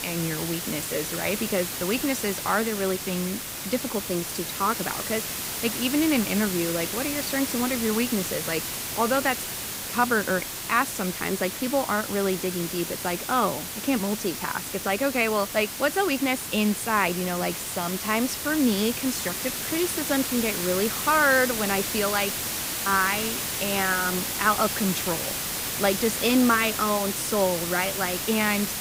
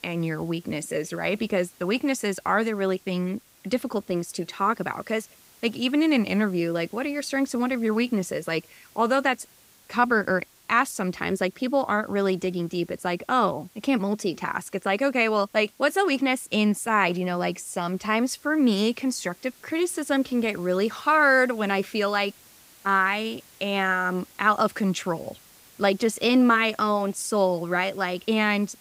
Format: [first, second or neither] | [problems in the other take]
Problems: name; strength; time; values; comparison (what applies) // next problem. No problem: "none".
second | hiss; loud; throughout; 3 dB below the speech; faint in the second